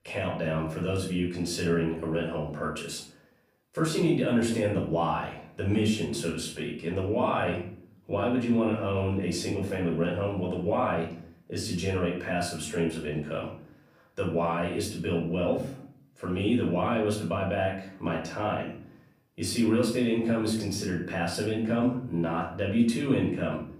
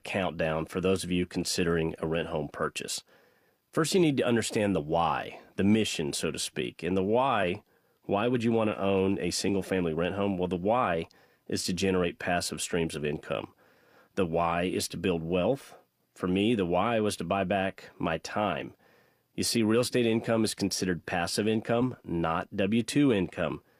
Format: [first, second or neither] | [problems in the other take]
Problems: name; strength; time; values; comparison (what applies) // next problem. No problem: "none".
second | room echo; noticeable; dies away in 0.6 s // off-mic speech; far